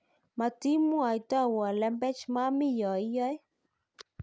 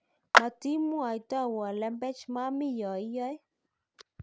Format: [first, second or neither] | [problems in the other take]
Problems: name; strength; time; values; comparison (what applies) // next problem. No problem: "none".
first | background sound (Clapping); 4 dB above the speech